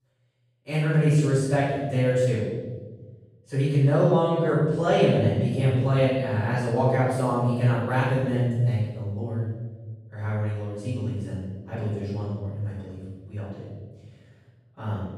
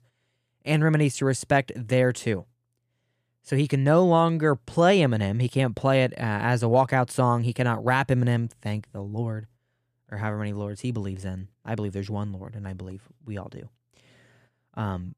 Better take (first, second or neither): second